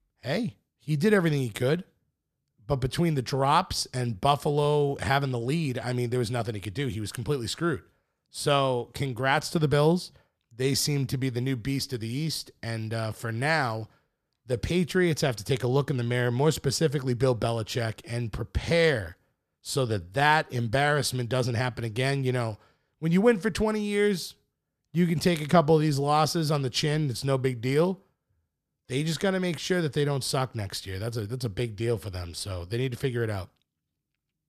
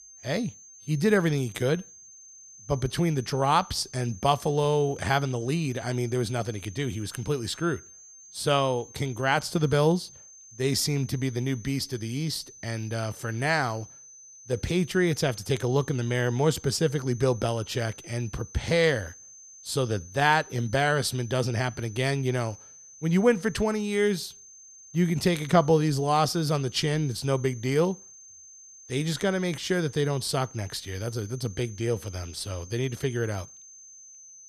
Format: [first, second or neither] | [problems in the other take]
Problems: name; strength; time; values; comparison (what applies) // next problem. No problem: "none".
first | high-pitched whine; noticeable; throughout; 6.5 kHz, 20 dB below the speech